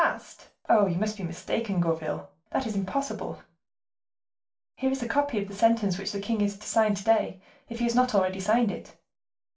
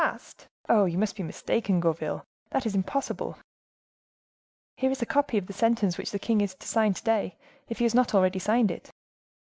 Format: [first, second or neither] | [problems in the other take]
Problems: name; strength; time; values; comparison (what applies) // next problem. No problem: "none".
second | room echo; dies away in 0.3 s